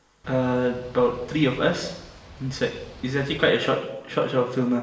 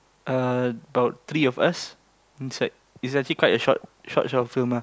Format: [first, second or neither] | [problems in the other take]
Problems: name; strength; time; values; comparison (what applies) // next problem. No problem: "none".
second | background sound (Boat, Water vehicle); 19 dB below the speech // room echo; dies away in 0.9 s